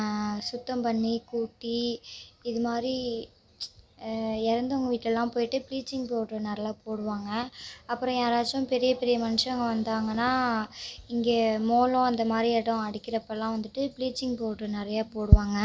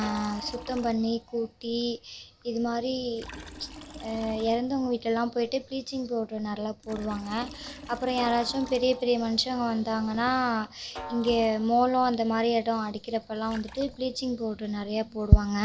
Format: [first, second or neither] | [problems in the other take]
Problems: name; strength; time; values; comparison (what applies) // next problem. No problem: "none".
first | background sound (Liquid + Snare drum); 18 dB below the speech